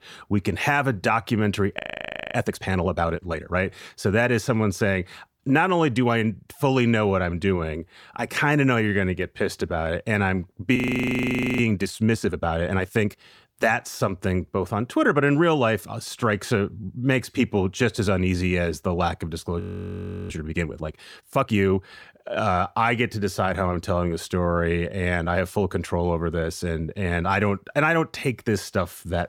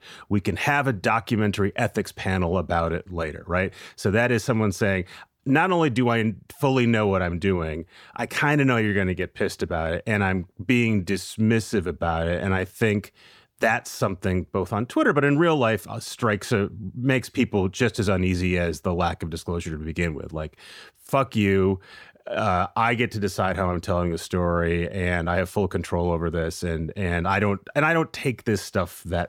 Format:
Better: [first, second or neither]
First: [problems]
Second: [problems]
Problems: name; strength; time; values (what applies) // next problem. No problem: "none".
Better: second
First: audio freezing; at 2 s for 0.5 s, at 11 s for 1 s and at 20 s for 0.5 s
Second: none